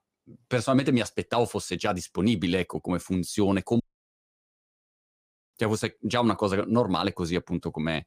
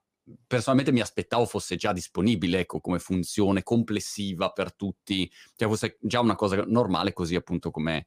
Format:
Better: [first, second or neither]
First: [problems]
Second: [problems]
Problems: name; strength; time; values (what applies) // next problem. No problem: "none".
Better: second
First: audio cutting out; at 4 s for 1.5 s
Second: none